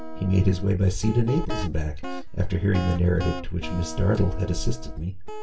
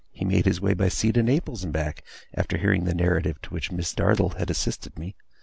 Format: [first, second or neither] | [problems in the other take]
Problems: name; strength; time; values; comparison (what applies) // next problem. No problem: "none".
second | background sound (Guitar); 13 dB below the speech // room echo; dies away in 0.2 s